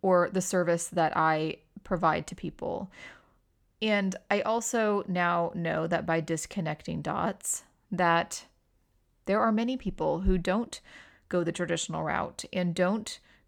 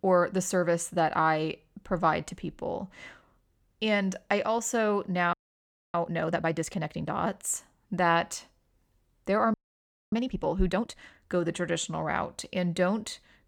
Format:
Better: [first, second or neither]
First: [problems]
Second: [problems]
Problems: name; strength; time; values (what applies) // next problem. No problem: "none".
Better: first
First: none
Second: audio freezing; at 5.5 s for 0.5 s and at 9.5 s for 0.5 s